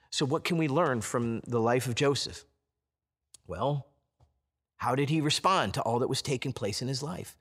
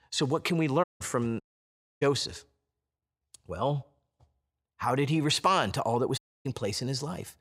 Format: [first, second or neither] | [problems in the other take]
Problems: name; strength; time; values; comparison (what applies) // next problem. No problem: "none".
first | audio cutting out; at 1 s, at 1.5 s for 0.5 s and at 6 s